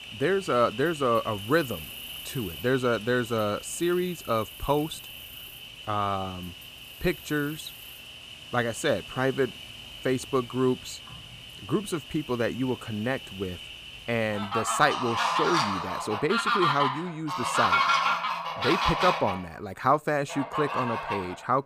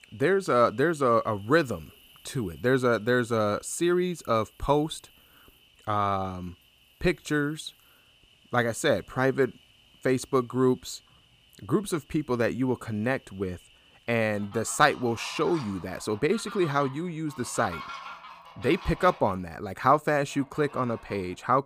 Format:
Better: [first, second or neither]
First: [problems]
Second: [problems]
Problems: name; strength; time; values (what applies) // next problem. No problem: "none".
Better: second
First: animal sounds; loud; throughout; 3 dB below the speech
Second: animal sounds; faint; throughout; 20 dB below the speech